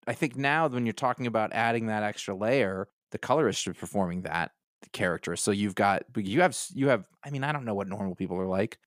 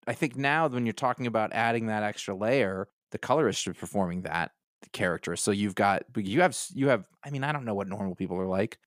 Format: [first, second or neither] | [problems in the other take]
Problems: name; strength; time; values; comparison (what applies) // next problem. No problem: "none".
neither | none